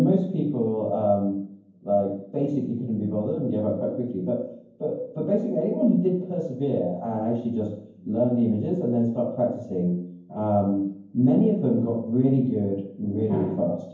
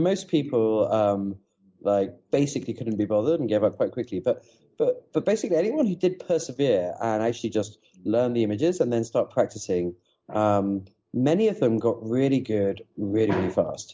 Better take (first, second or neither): second